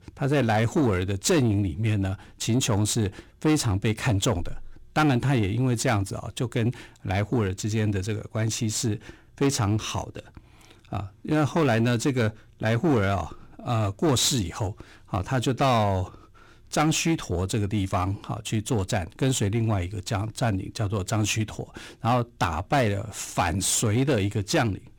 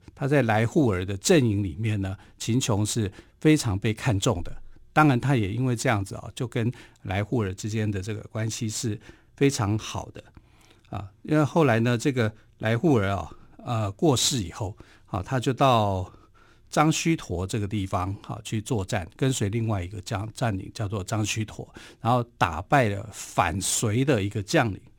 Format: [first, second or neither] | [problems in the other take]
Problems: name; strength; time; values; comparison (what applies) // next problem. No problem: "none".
second | distortion; slight; 10 dB below the speech